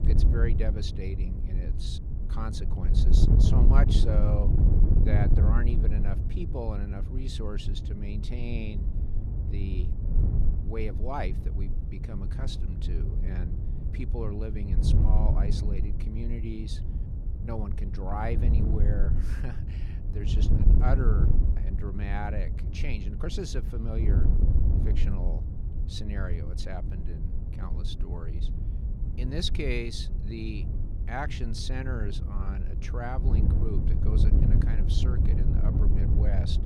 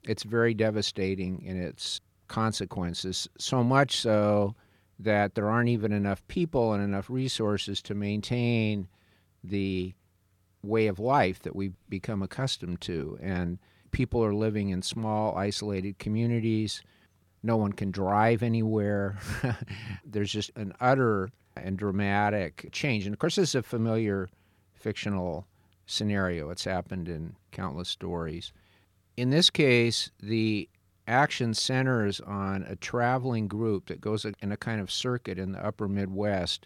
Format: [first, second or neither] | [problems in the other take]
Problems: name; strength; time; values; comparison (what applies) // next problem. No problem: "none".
second | wind noise on the microphone; heavy; 4 dB below the speech